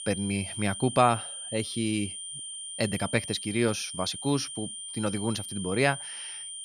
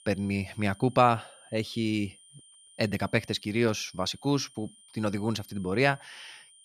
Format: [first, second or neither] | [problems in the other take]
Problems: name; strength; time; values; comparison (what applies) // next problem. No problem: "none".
second | high-pitched whine; loud; throughout; 9 kHz, 7 dB below the speech; faint in the second